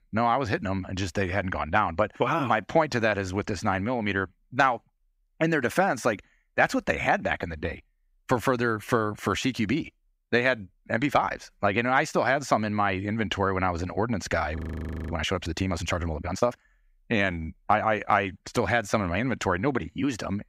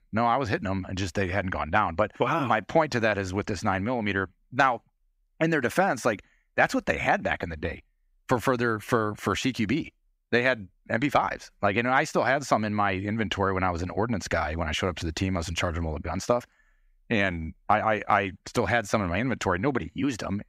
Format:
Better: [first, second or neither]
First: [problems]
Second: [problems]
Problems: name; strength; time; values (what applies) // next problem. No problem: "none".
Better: second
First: audio freezing; at 15 s for 0.5 s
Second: none